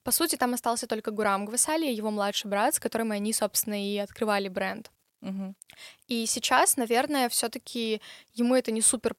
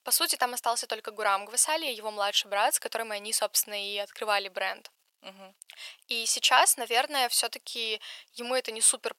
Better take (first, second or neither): first